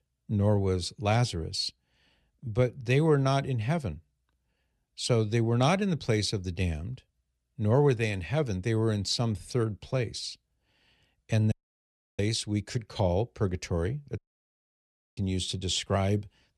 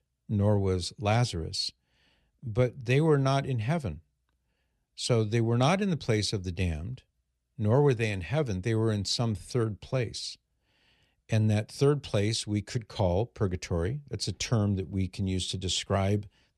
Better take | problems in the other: second | audio cutting out; at 12 s for 0.5 s and at 14 s for 1 s

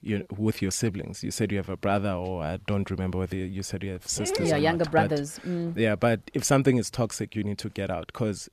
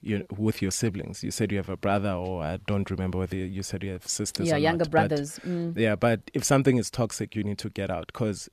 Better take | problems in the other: second | dog barking; noticeable; at 4 s; peak 4 dB below the speech

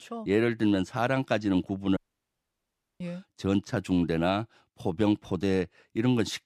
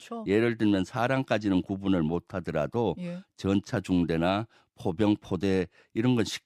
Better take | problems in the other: second | audio cutting out; at 2 s for 1 s

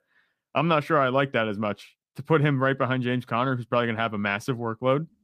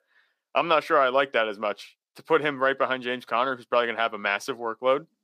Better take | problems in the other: first | thin; somewhat; fading below 500 Hz

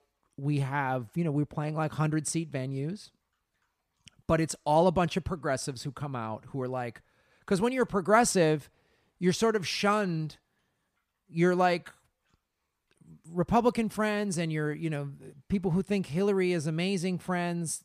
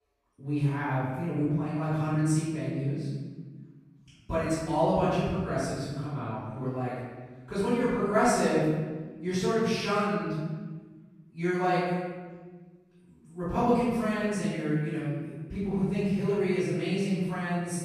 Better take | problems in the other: first | off-mic speech; far // room echo; strong; dies away in 1.4 s

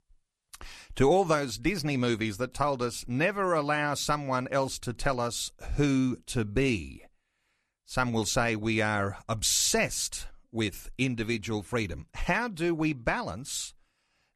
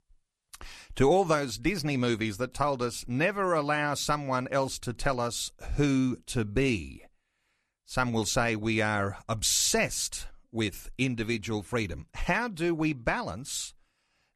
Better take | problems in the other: neither | none

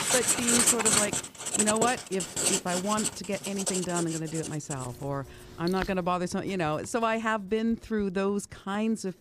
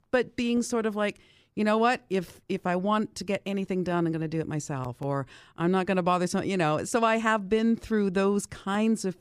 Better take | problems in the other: second | household noises; very loud; throughout; 3 dB above the speech

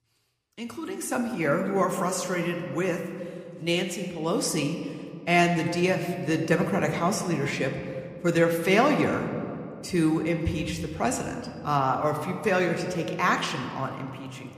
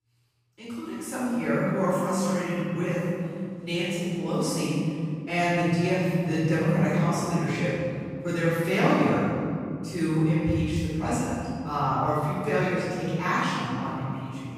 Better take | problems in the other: first | room echo; strong; dies away in 2.9 s; slight in the first // off-mic speech; far

